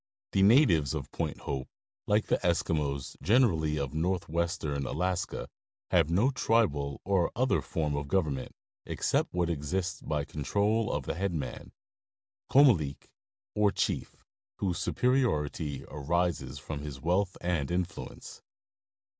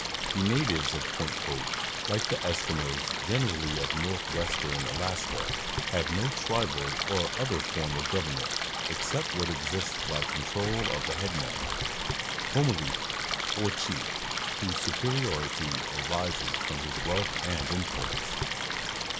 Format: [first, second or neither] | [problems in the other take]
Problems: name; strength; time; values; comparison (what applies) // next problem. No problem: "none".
first | background sound (Stream); 1 dB above the speech